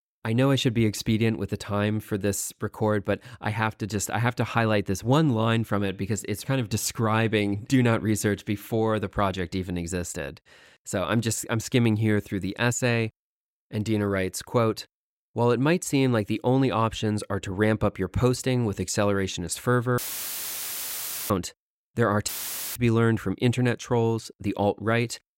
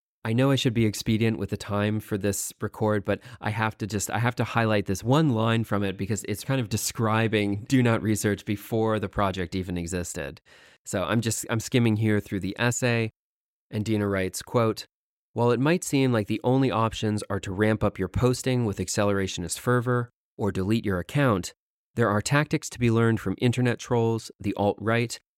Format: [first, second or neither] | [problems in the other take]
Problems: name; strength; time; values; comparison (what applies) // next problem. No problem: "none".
second | audio cutting out; filled with static; at 20 s for 1.5 s and at 22 s